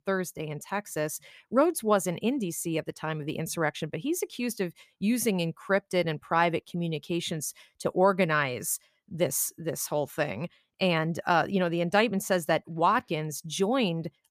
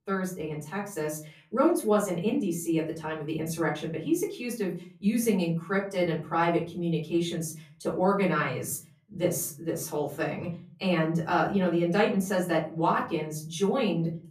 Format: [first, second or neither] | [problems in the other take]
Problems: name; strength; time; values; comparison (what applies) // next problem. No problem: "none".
first | room echo; slight; dies away in 0.4 s // off-mic speech; far